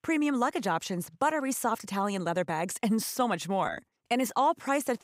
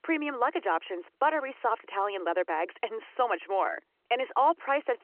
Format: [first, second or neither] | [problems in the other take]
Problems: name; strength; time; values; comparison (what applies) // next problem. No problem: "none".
first | phone-call audio